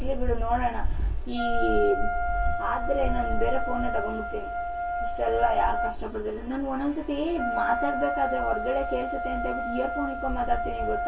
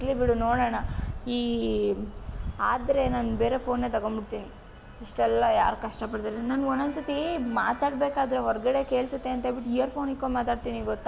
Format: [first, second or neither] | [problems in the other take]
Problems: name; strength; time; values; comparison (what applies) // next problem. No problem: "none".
second | background sound (Wind instrument, woodwind instrument); 5 dB below the speech // room echo; dies away in 0.1 s